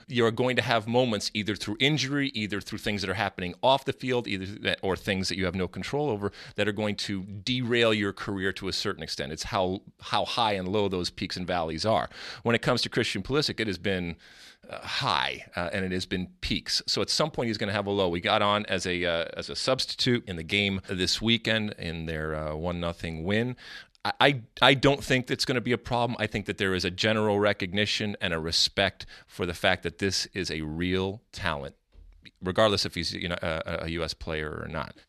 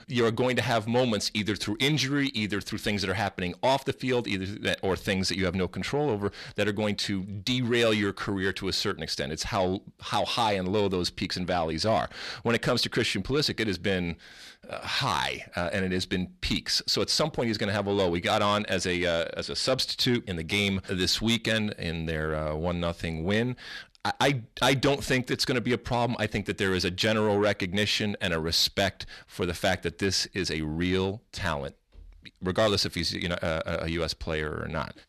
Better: first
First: none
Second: distortion; slight; 10 dB below the speech

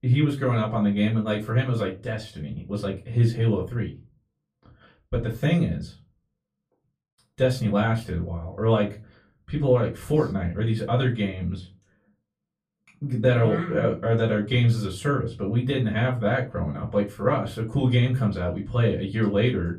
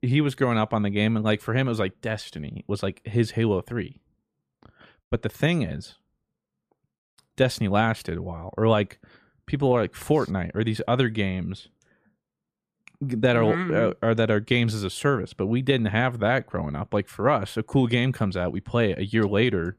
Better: second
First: off-mic speech; far // room echo; very slight; dies away in 0.2 s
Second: none

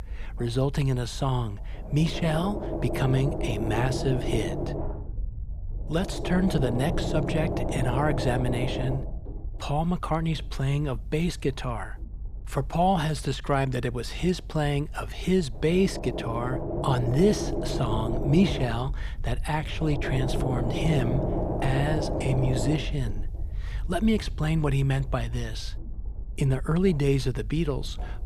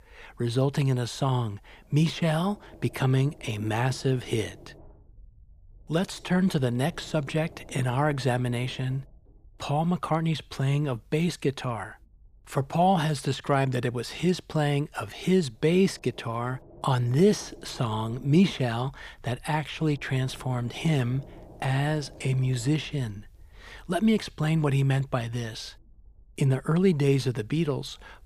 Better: second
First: low rumble; loud; throughout; 3 dB below the speech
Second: low rumble; faint; throughout; 25 dB below the speech

